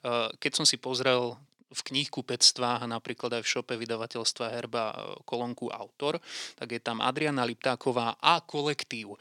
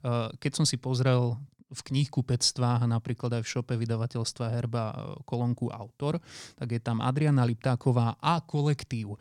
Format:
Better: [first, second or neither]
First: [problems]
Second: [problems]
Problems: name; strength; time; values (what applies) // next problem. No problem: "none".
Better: second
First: thin; somewhat; fading below 400 Hz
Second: none